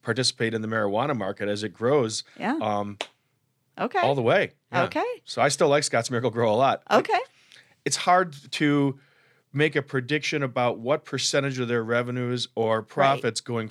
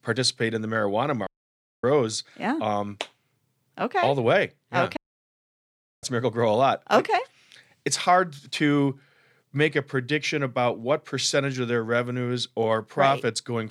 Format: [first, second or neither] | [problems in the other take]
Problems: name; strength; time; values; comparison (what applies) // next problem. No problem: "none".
first | audio cutting out; at 1.5 s for 0.5 s and at 5 s for 1 s